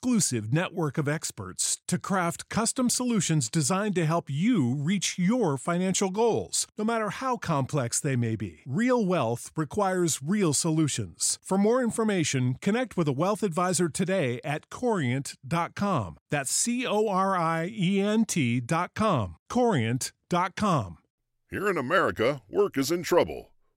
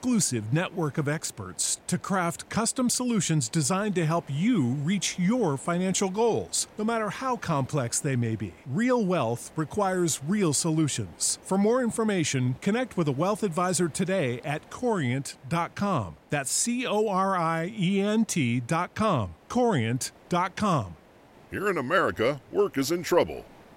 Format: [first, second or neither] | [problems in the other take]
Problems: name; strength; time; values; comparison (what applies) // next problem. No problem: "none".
first | hiss; faint; throughout; 25 dB below the speech